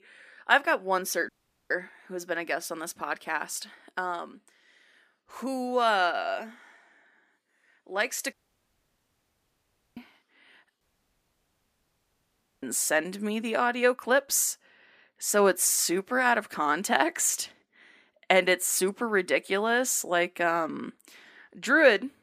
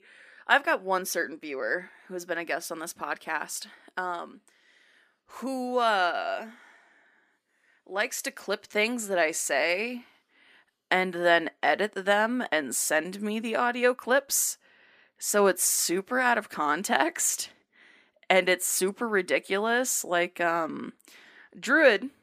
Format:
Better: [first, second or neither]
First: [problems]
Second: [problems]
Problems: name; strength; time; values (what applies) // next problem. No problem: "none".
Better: second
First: audio cutting out; at 1.5 s, at 8.5 s for 1.5 s and at 11 s for 2 s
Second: none